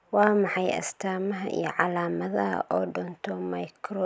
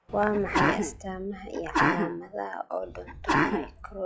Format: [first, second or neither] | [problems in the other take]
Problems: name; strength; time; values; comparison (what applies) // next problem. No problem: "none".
first | noise reduction (classical method log-MMSE)